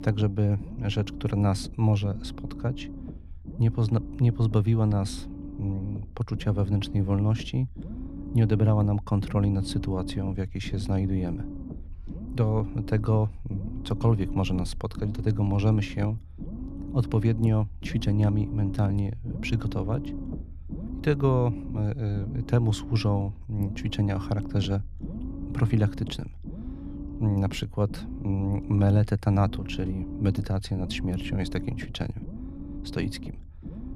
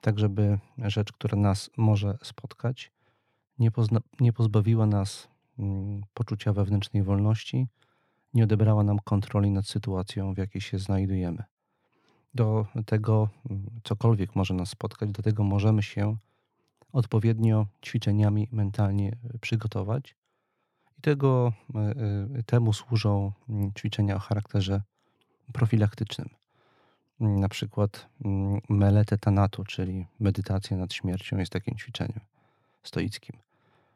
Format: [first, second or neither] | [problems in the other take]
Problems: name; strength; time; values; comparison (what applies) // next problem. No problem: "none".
second | low rumble; noticeable; throughout; 10 dB below the speech